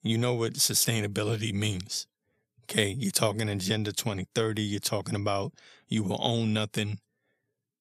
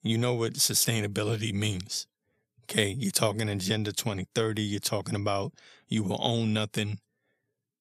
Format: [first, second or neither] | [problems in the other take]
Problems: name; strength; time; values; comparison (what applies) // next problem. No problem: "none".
neither | none